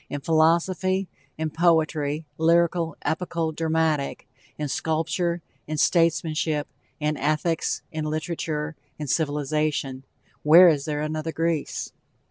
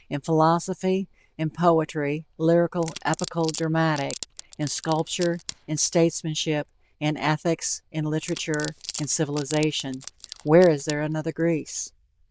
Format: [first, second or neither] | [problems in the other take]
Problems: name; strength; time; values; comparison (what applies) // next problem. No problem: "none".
first | noise reduction (neural diffusion model UNIVERSE++)